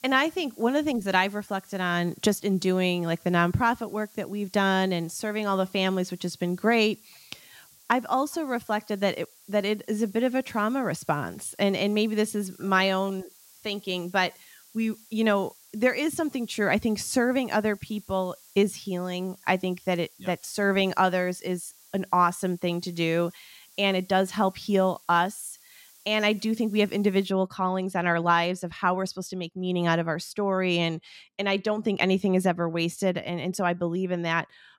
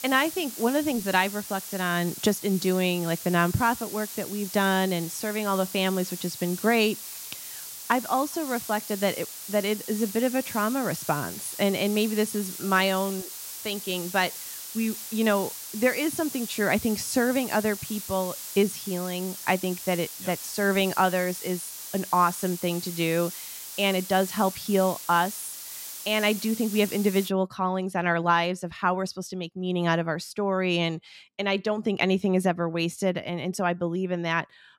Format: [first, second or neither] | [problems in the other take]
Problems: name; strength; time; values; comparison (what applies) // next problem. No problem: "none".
first | hiss; loud; until 27 s; 9 dB below the speech; faint in the first